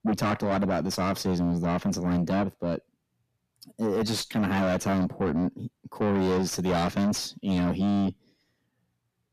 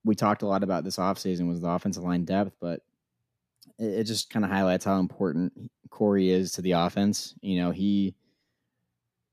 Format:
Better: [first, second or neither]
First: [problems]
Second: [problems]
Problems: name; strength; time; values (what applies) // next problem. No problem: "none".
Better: second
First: distortion; heavy; 6 dB below the speech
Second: none